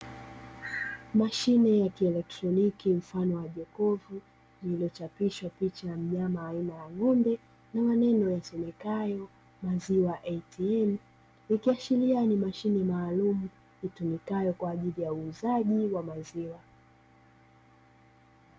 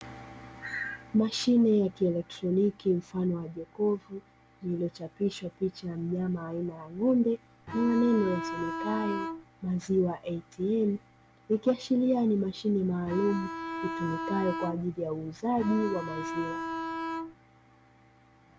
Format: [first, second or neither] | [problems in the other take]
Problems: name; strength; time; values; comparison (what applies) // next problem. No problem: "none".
first | background sound (Bowed string instrument); 5 dB below the speech